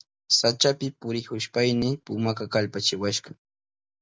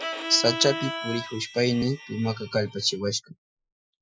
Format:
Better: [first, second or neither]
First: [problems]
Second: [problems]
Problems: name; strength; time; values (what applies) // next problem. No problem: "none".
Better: first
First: none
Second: noise reduction (classical method Wiener filter)